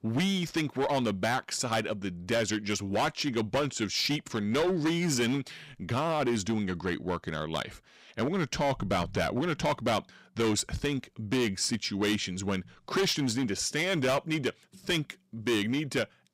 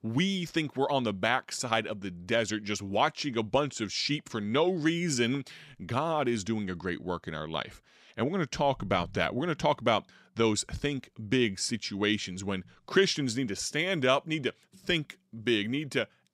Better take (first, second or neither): second